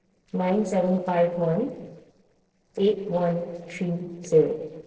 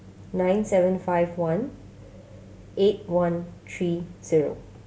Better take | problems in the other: second | noise reduction (neural separator model SepFormer DNS4)

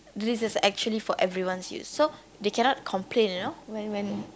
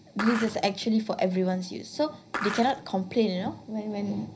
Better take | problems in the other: first | background sound (Skateboard); 6 dB below the speech // room echo; dies away in 0.5 s

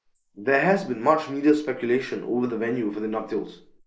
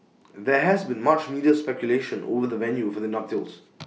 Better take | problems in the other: second | noise reduction (neural mask model Resemble Enhance denoiser)

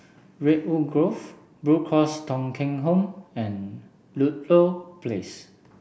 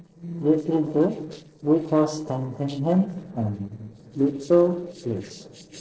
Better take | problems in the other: first | noise reduction (neural separator model SepFormer DNS4)

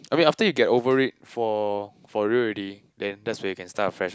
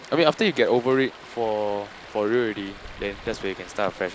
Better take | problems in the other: first | background sound (Stream); 17 dB below the speech

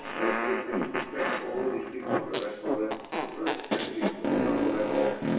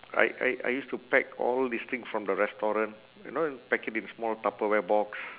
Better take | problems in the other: second | background sound (Fart); 3 dB above the speech // room echo; dies away in 0.6 s

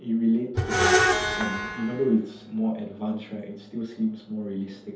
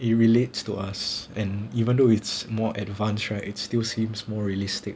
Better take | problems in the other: second | background sound (Screech); 2 dB above the speech // room echo; dies away in 0.6 s

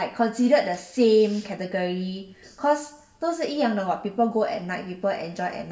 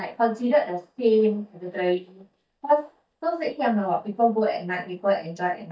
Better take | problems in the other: first | noise reduction (neural mask model DeepFilterNet 3)

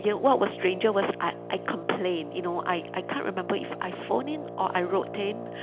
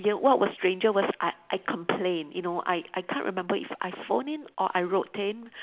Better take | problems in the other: second | background sound (Wind instrument, woodwind instrument); 10 dB below the speech

